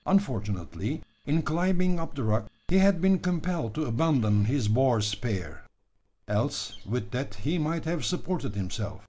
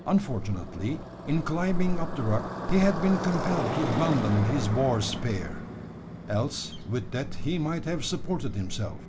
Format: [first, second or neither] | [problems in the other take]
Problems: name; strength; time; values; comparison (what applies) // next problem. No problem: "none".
first | background sound (Motorcycle); 7 dB below the speech